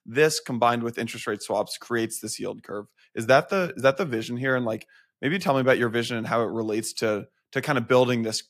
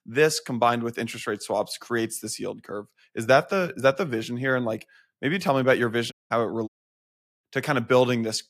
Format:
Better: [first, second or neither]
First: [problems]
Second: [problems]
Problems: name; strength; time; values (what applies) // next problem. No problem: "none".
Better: first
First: none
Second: audio cutting out; at 6 s and at 6.5 s for 1 s